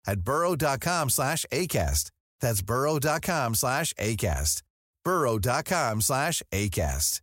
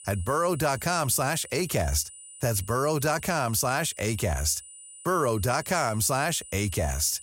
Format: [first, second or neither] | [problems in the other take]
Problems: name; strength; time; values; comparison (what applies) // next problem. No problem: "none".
first | high-pitched whine; noticeable; throughout; 9 kHz, 15 dB below the speech